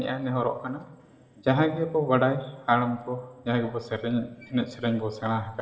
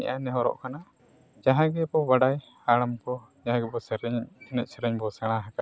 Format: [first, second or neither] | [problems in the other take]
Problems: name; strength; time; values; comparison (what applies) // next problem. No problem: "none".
second | room echo; dies away in 1.1 s